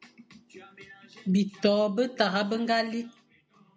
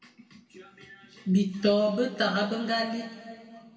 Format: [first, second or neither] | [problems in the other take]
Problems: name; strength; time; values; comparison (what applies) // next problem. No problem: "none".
first | room echo; dies away in 1.9 s